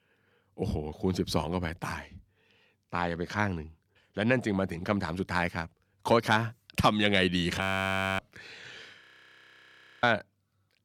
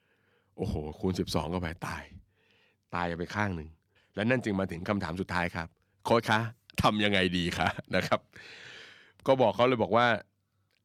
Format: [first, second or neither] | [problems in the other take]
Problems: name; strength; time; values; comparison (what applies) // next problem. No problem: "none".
second | audio freezing; at 7.5 s for 0.5 s and at 9 s for 1 s